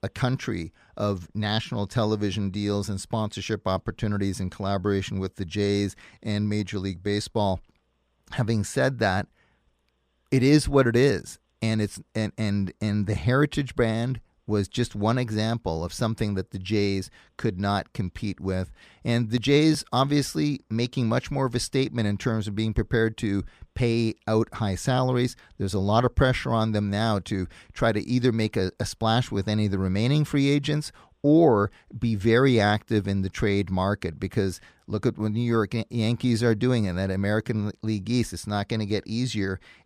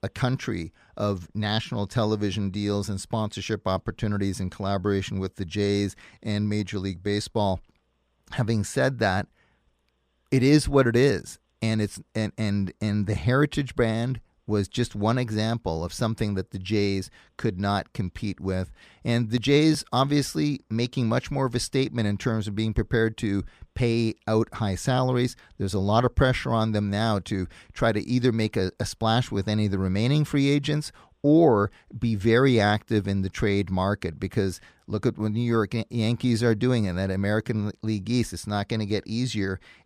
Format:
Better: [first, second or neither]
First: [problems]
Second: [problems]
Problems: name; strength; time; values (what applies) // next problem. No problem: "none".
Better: neither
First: none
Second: none